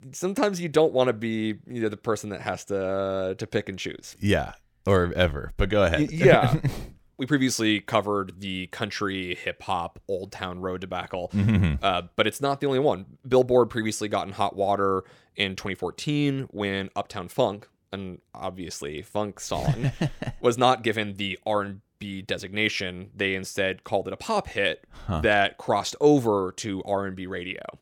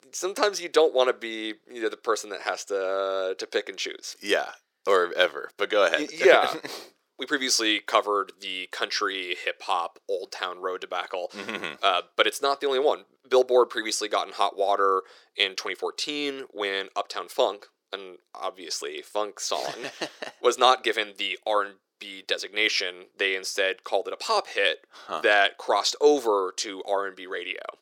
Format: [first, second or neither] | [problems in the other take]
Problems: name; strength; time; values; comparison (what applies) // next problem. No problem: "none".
first | thin; very; fading below 400 Hz